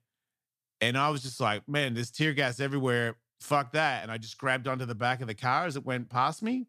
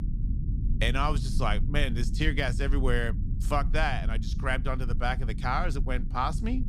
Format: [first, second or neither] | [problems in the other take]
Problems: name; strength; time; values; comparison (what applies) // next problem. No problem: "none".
first | low rumble; noticeable; throughout; 15 dB below the speech